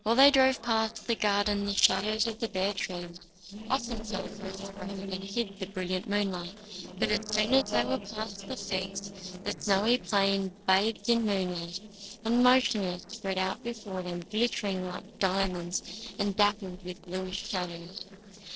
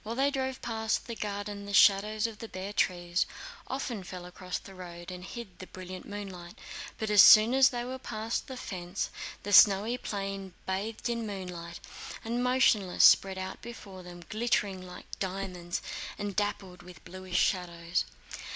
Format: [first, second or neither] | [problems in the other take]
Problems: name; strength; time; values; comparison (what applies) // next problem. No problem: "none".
second | noise reduction (neural separator model SepFormer DNS4)